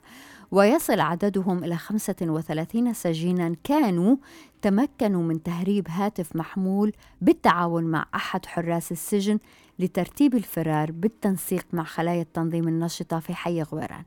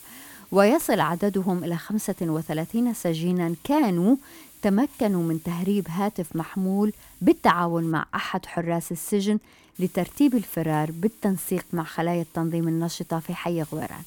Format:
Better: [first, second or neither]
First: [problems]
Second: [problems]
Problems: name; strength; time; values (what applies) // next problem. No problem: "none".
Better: first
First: none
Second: hiss; faint; until 8 s and from 10 s on; 20 dB below the speech